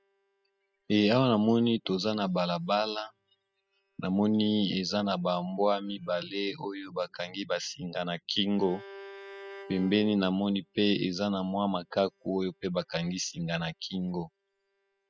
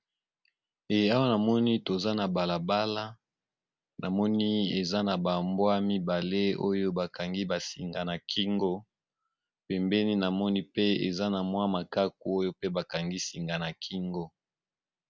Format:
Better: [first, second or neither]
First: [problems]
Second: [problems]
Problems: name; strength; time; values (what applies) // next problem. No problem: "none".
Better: second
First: noise reduction (classical method spectral subtraction)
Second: none